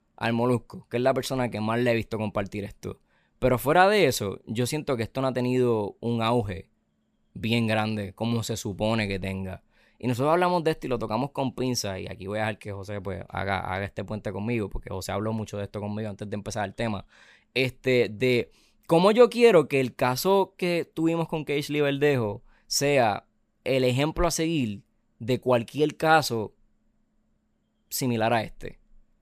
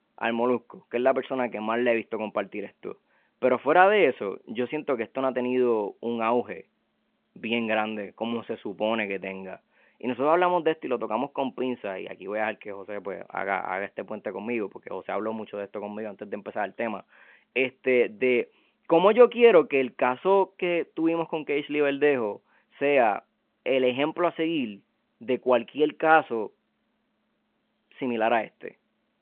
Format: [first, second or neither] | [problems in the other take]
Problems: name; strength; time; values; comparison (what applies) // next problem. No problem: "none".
first | phone-call audio